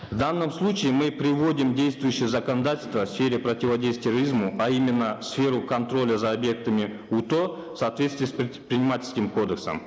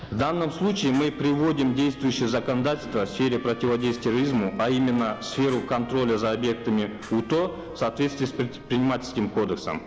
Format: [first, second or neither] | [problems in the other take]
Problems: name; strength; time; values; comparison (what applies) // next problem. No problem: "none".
first | background sound (Fire + Trumpet); 20 dB below the speech